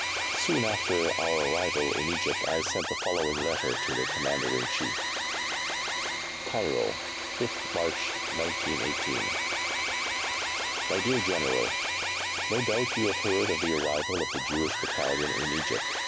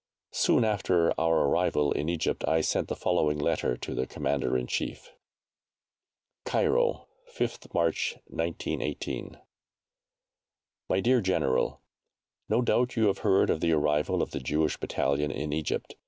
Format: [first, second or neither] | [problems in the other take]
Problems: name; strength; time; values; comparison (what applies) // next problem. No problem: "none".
second | background sound (Engine / Mechanisms + Alarm); 1 dB above the speech